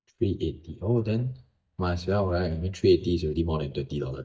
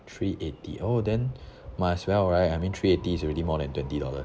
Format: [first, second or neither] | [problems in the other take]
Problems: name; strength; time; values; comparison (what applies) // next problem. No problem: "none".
second | noise reduction (neural mask model DeepFilterNet 3)